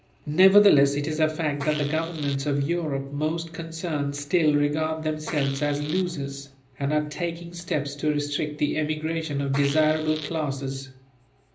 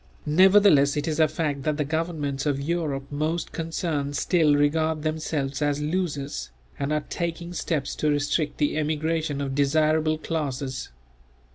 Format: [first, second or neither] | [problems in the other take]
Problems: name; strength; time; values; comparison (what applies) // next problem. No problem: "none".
second | background sound (Fart); 14 dB below the speech // room echo; dies away in 0.5 s